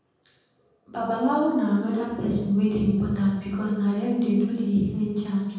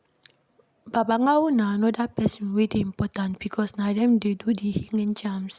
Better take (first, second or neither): second